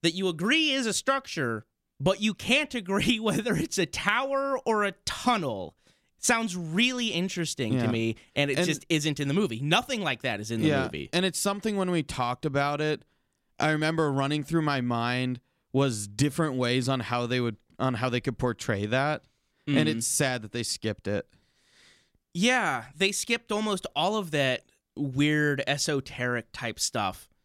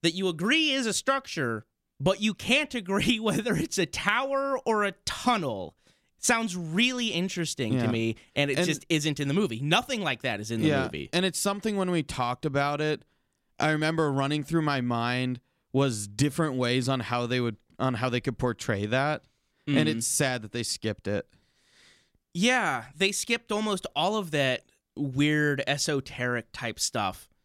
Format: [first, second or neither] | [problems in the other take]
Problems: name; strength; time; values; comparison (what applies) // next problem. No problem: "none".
neither | none